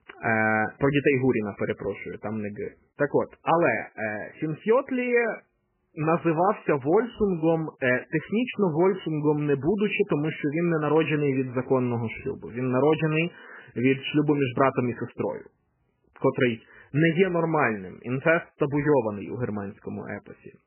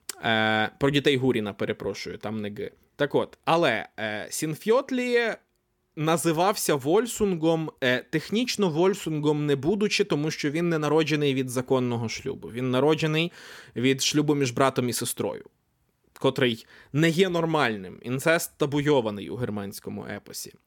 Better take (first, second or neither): second